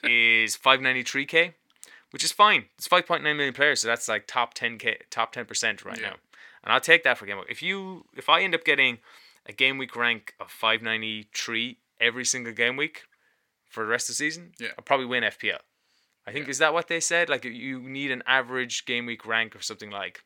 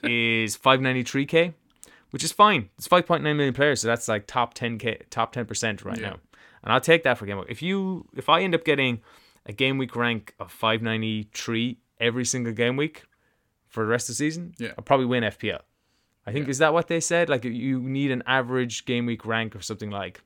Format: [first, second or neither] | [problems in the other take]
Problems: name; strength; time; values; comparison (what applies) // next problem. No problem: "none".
second | thin; somewhat; fading below 650 Hz